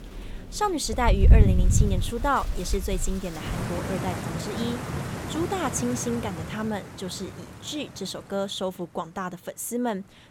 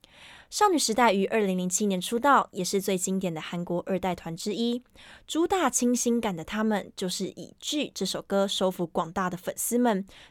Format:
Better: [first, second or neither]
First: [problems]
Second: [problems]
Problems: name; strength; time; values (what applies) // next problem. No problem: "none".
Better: second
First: rain or running water; very loud; throughout; 3 dB above the speech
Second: none